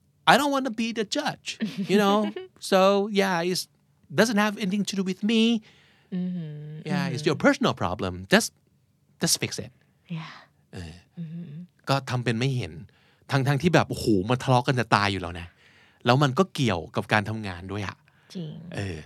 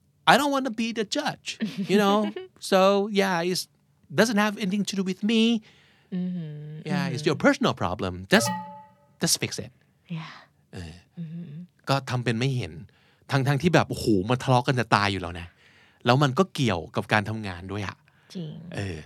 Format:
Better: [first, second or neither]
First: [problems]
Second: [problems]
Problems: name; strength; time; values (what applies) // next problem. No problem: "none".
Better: first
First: none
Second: alarm; noticeable; at 8.5 s; peak 6 dB below the speech